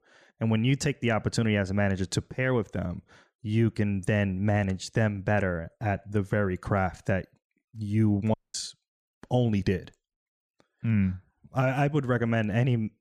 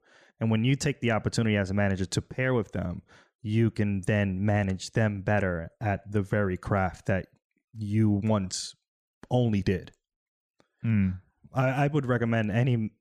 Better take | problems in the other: second | audio cutting out; at 8.5 s

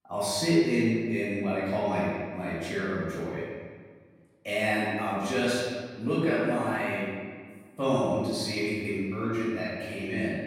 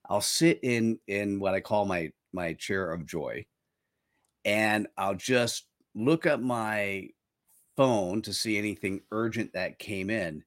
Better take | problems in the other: second | room echo; strong; dies away in 1.5 s // off-mic speech; far

